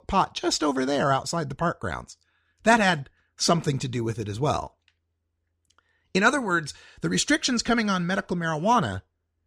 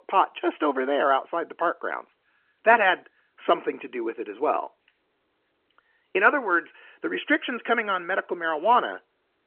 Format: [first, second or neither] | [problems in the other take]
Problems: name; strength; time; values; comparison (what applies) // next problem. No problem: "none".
first | phone-call audio